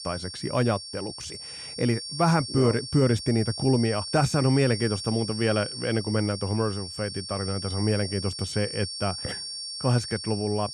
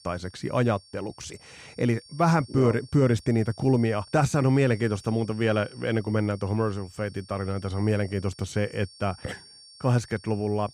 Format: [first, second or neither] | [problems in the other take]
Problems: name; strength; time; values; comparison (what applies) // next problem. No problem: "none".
second | high-pitched whine; loud; throughout; 5.5 kHz, 7 dB below the speech; faint in the second